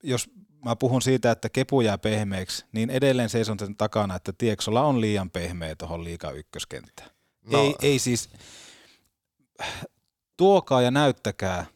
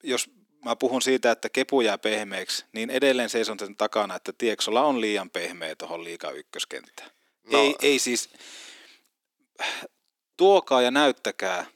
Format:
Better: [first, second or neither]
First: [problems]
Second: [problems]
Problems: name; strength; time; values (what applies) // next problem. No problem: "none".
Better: first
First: none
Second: thin; very slightly; fading below 300 Hz